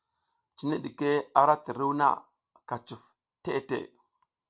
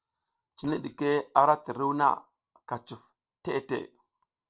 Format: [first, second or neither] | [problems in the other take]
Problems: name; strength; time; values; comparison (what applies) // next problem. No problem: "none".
first | noise reduction (neural separator model SepFormer DNS4)